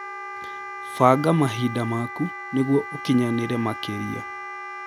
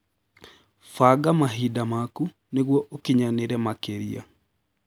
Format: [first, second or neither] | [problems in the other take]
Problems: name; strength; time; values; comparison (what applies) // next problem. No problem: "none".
second | background sound (Wind instrument, woodwind instrument); 10 dB below the speech